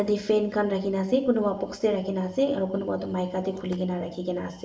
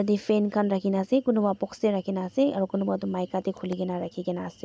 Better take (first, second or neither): second